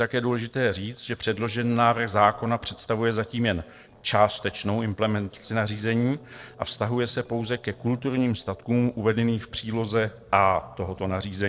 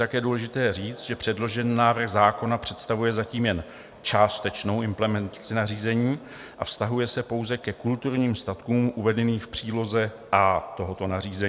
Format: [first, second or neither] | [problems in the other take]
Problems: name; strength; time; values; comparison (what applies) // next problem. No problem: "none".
second | noise reduction (neural separator model SepFormer DNS4)